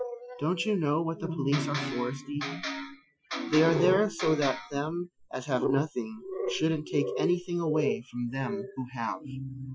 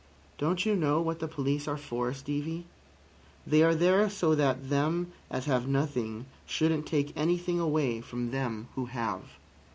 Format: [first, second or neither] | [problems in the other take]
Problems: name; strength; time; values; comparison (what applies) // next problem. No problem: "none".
second | noise reduction (classical method Wiener filter)